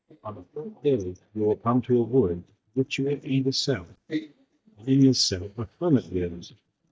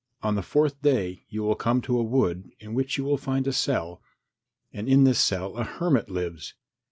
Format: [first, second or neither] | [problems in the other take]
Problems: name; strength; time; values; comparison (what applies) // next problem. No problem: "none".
second | noise reduction (neural mask model DeepFilterNet 3)